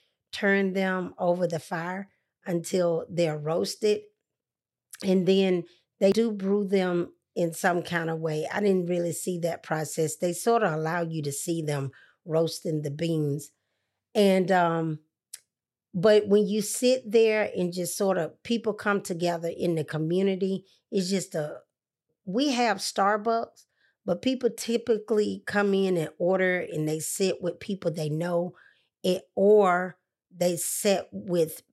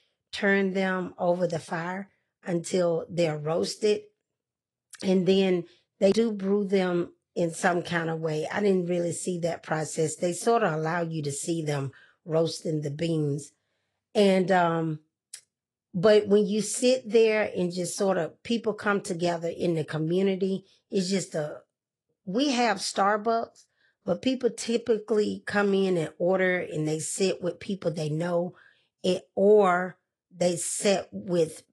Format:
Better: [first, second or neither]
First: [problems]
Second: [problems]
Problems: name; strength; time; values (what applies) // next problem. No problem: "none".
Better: first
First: none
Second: garbled, watery; slightly; nothing above 10.5 kHz